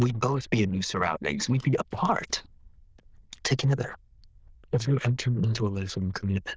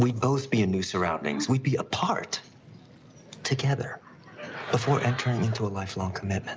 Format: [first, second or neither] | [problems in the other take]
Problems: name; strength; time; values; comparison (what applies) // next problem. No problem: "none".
second | noise reduction (neural diffusion model UNIVERSE++)